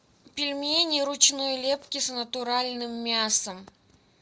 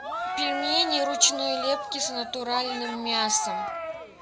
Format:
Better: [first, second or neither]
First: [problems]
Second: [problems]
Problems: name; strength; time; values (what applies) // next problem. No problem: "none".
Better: first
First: none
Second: background sound (Cheering); 4 dB below the speech